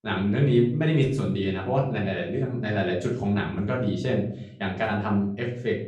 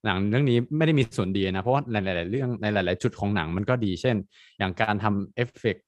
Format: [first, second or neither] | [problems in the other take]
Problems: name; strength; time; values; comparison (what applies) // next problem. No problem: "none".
second | room echo; slight; dies away in 0.6 s // off-mic speech; far